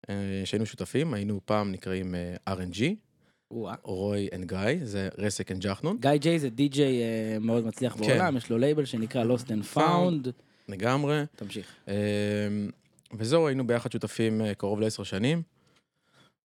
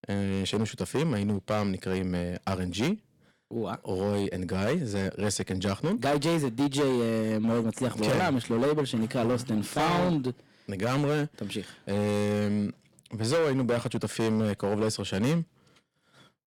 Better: first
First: none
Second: distortion; heavy; 11% of the sound clipped

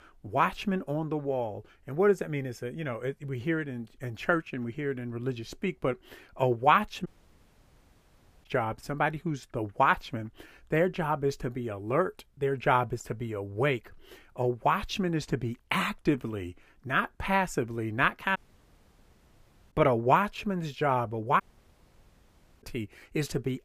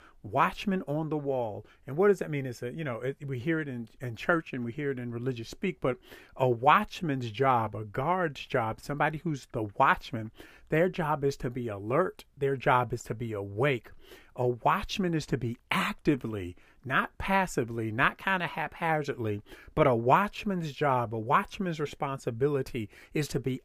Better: second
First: audio cutting out; at 7 s for 1.5 s, at 18 s for 1.5 s and at 21 s for 1 s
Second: none

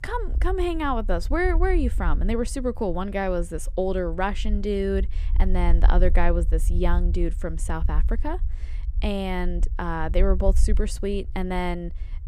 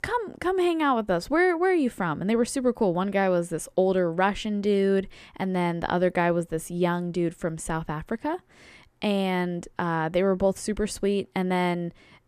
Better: second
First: low rumble; faint; throughout; 20 dB below the speech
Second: none

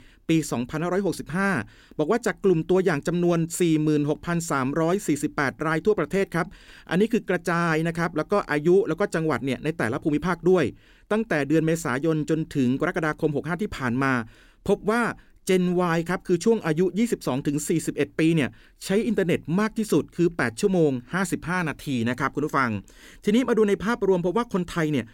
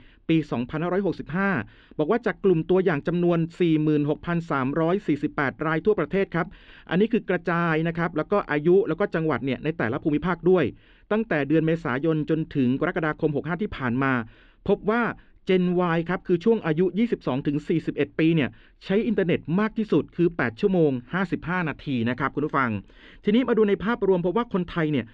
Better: first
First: none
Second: muffled; very; fading above 3.5 kHz

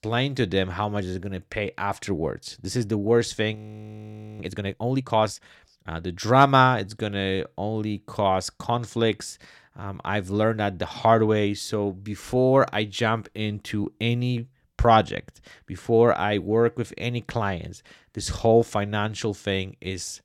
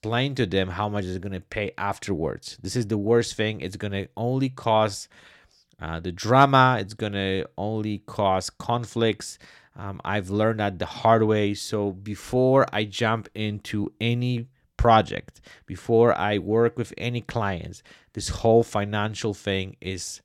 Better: second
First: audio freezing; at 3.5 s for 1 s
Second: none

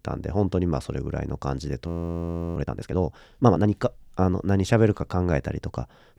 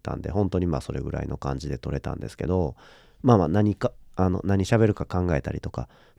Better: second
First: audio freezing; at 2 s for 0.5 s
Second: none

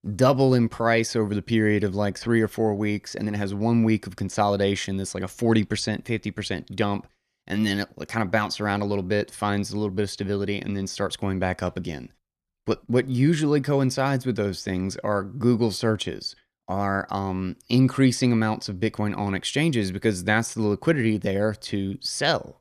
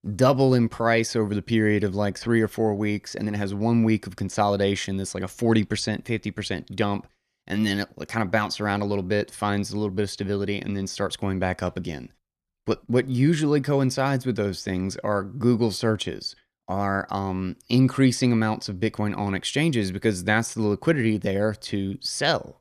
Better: neither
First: none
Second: none

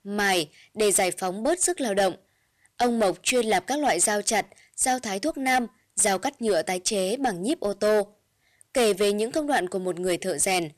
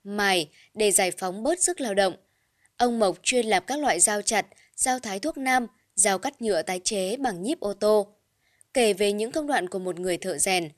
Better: second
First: distortion; slight; 5% of the sound clipped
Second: none

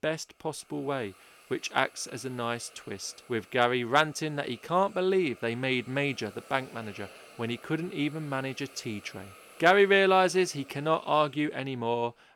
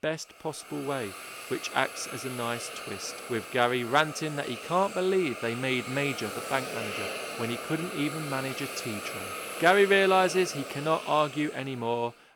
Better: first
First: hiss; faint; throughout; 25 dB below the speech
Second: hiss; loud; throughout; 9 dB below the speech

